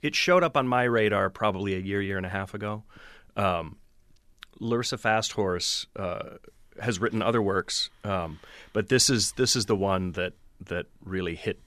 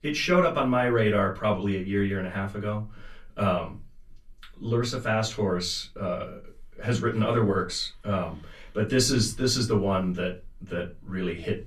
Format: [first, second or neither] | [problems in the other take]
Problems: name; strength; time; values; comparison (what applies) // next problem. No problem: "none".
first | off-mic speech; far // room echo; very slight; dies away in 0.2 s